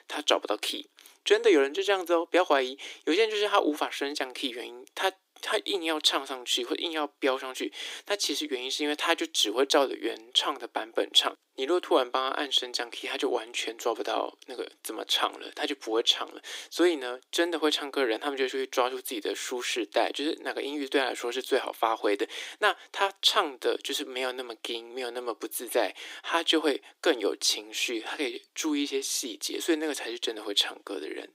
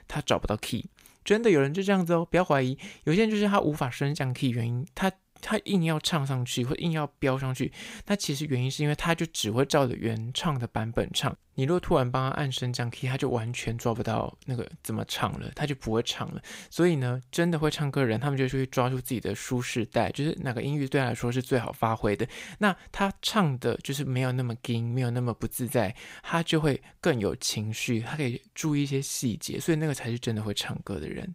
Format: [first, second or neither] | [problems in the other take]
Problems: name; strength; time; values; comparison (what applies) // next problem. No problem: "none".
second | thin; somewhat; fading below 300 Hz